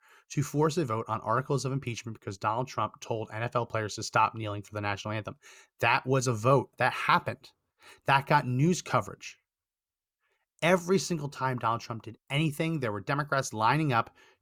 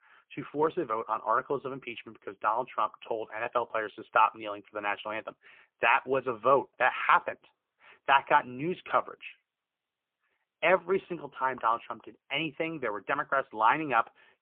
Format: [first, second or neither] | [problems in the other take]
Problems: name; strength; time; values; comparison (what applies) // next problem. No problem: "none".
first | phone-call audio; poor line